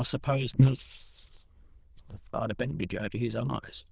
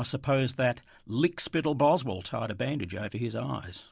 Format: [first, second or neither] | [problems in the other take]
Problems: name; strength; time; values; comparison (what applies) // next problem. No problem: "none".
second | noise reduction (neural diffusion model UNIVERSE++)